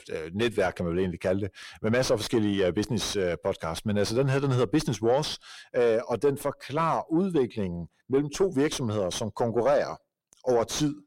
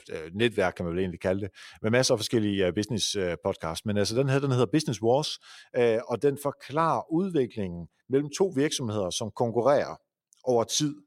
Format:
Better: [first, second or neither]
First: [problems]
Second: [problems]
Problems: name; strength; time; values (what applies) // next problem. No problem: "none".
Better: second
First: distortion; slight; 9 dB below the speech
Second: none